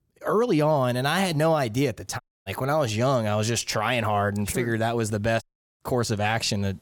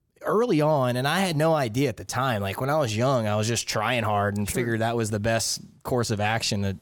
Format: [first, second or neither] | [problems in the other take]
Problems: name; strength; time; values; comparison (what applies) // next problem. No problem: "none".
second | audio cutting out; at 2 s and at 5.5 s